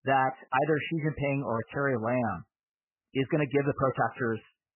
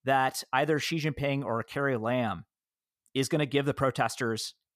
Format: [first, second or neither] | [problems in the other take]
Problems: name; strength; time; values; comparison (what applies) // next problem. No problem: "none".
second | garbled, watery; badly; nothing above 3 kHz